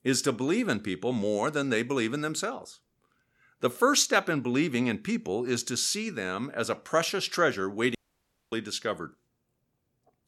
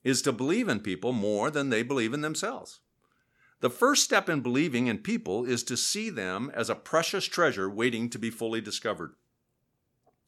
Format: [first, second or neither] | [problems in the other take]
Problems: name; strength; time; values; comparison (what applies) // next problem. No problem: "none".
second | audio cutting out; at 8 s for 0.5 s